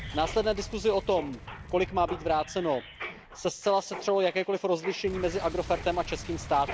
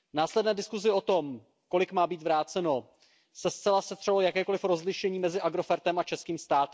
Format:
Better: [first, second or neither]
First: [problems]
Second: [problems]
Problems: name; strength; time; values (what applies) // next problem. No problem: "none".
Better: second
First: background sound (Mechanisms + Boom); 12 dB below the speech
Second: none